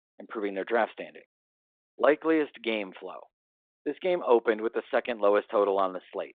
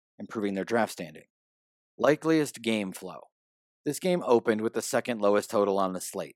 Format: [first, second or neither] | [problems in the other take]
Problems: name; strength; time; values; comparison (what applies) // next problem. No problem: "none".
second | phone-call audio; nothing above 3.5 kHz